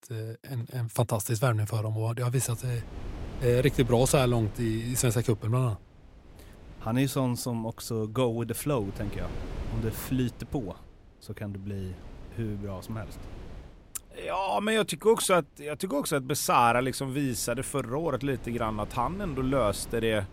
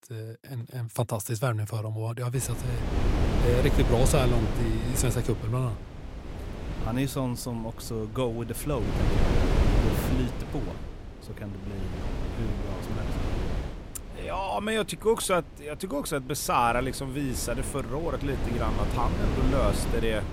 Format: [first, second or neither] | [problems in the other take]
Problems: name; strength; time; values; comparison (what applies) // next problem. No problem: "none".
first | wind noise on the microphone; heavy; from 2.5 s on; 6 dB below the speech; occasional gusts in the first